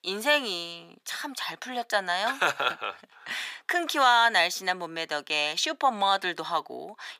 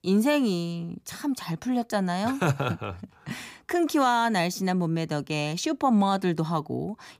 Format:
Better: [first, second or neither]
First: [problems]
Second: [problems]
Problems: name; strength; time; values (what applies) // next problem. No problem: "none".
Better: second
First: thin; very; fading below 650 Hz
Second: none